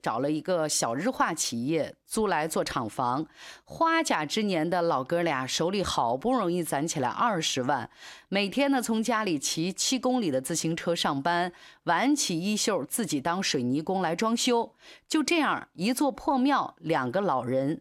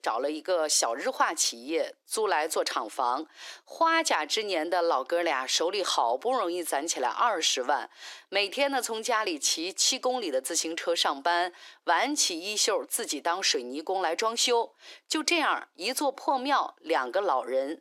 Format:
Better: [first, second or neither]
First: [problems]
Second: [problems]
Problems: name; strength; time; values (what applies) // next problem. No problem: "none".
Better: first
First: none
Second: thin; somewhat; fading below 350 Hz